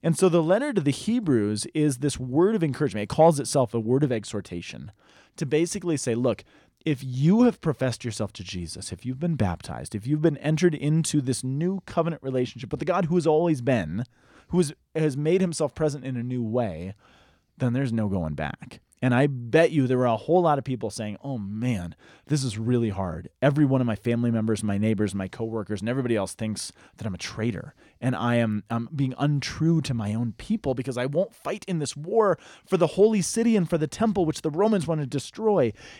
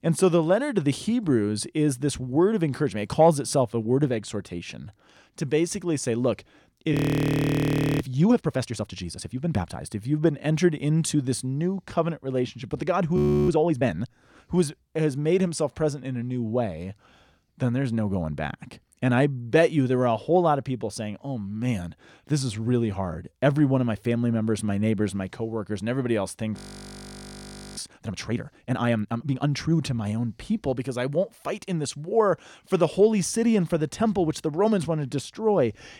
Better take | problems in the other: first | audio freezing; at 7 s for 1 s, at 13 s and at 27 s for 1 s

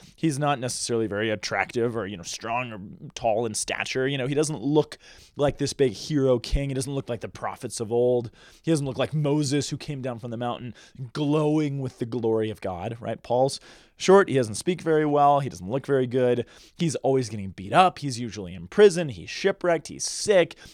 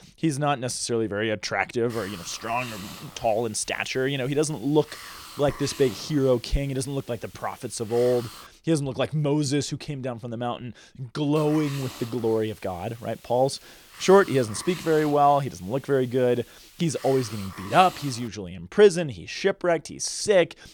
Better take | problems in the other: first | hiss; noticeable; from 2 to 8.5 s and from 11 to 18 s; 20 dB below the speech

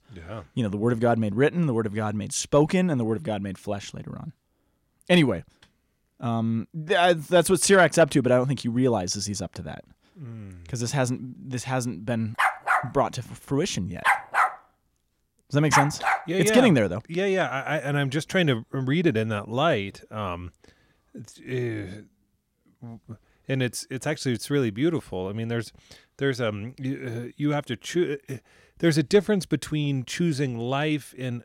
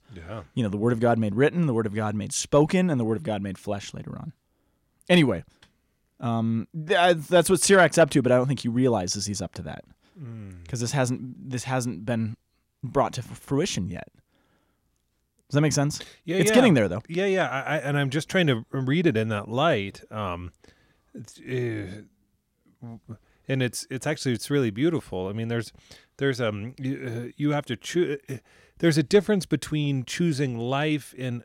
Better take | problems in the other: second | dog barking; loud; from 12 to 16 s; peak 3 dB above the speech

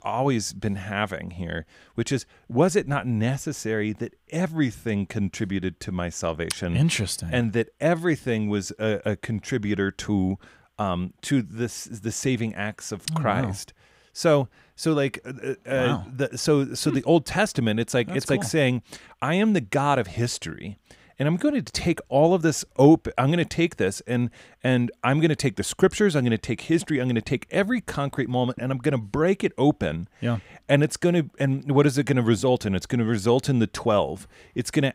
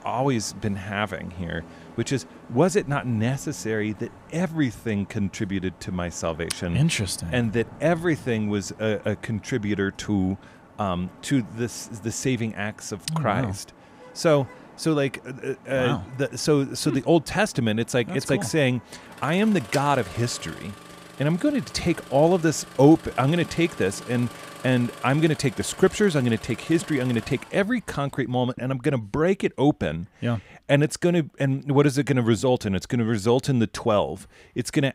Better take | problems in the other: first | traffic noise; noticeable; throughout; 20 dB below the speech

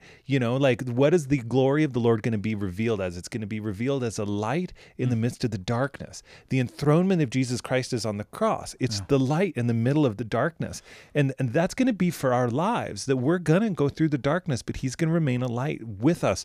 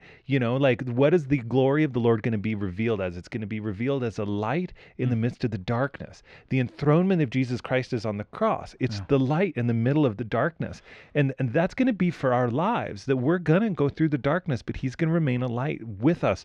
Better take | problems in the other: first | muffled; slightly; fading above 3 kHz

